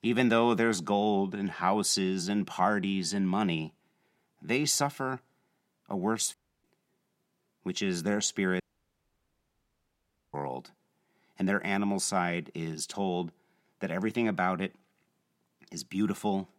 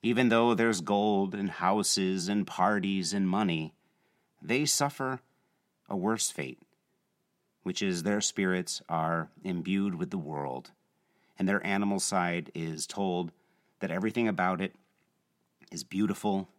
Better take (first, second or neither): second